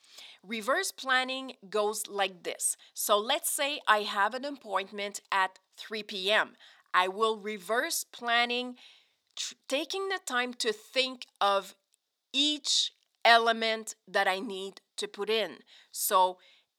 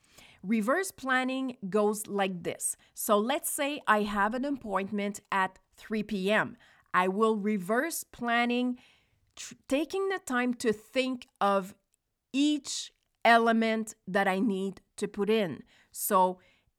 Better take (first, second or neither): second